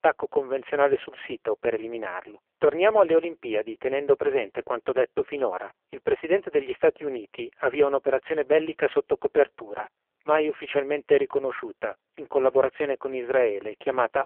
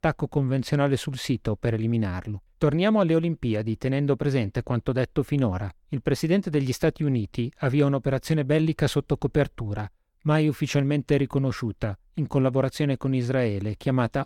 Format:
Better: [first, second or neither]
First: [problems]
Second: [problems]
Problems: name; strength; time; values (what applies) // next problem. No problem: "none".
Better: second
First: phone-call audio; poor line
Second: none